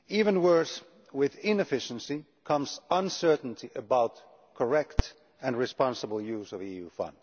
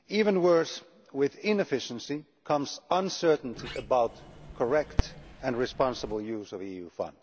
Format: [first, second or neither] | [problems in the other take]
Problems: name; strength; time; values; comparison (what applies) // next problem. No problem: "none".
first | background sound (Sliding door); 18 dB below the speech